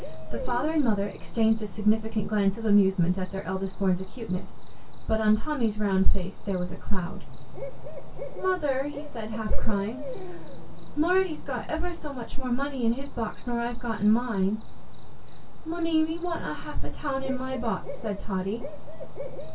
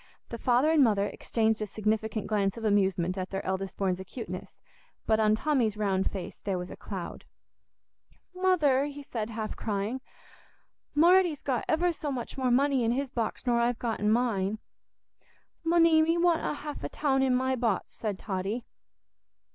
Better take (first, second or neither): second